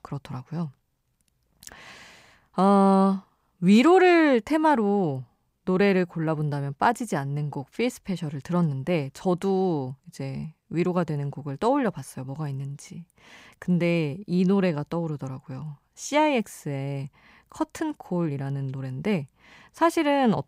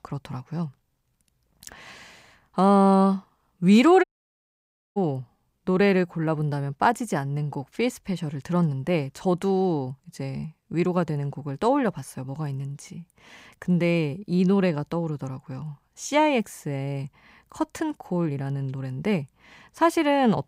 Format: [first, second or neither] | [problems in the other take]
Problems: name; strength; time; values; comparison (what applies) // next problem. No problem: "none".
first | audio cutting out; at 4 s for 1 s